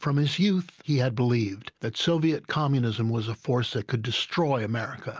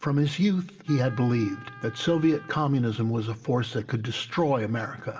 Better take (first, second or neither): first